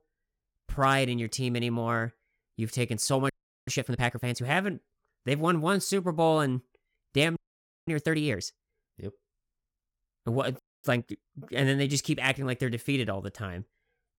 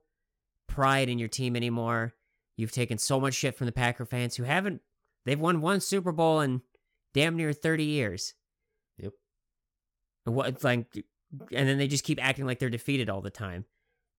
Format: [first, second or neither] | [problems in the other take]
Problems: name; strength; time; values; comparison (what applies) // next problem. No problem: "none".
second | audio freezing; at 3.5 s, at 7.5 s for 0.5 s and at 11 s